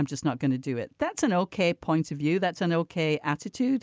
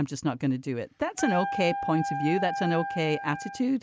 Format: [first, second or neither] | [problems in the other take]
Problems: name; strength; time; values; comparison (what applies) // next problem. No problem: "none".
first | background sound (Wind instrument, woodwind instrument); 6 dB below the speech